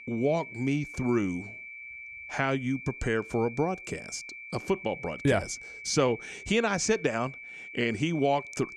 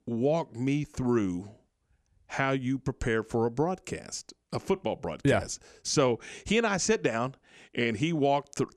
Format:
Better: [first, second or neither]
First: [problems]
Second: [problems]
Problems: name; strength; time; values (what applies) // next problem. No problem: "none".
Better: second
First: high-pitched whine; noticeable; throughout; 2.5 kHz, 10 dB below the speech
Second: none